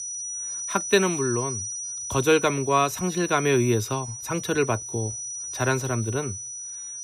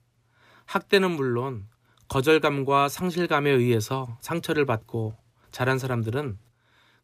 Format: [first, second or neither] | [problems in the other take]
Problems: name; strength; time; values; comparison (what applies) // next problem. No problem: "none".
second | high-pitched whine; loud; throughout; 6 kHz, 7 dB below the speech